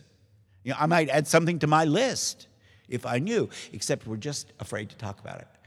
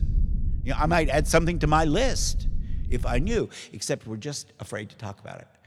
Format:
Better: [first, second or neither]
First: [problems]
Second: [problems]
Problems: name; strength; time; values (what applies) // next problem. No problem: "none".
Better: first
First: none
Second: low rumble; faint; until 3.5 s; 20 dB below the speech